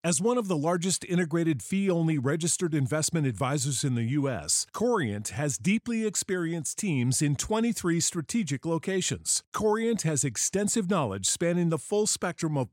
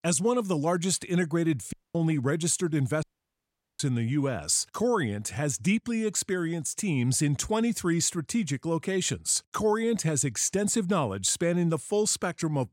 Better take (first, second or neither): first